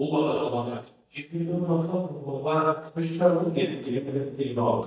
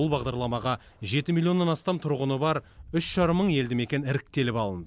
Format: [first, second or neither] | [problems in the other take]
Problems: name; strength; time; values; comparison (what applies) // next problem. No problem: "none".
second | noise reduction (neural mask model DeepFilterNet 3)